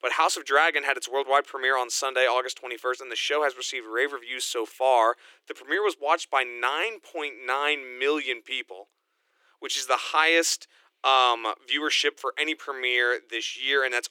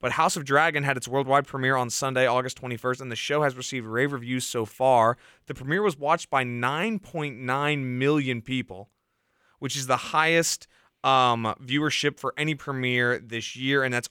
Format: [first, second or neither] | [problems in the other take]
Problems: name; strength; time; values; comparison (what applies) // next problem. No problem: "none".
second | thin; very; fading below 300 Hz